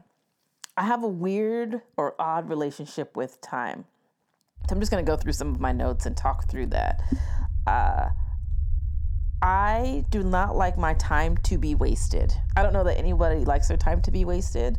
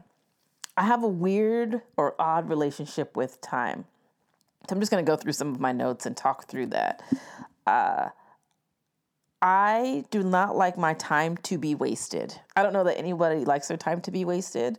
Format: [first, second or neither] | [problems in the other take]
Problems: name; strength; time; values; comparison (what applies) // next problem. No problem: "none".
second | low rumble; faint; from 4.5 s on; 20 dB below the speech